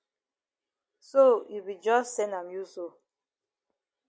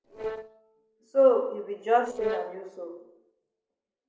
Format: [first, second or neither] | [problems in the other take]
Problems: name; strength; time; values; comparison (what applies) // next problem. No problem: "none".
first | noise reduction (neural separator model SepFormer DNS4)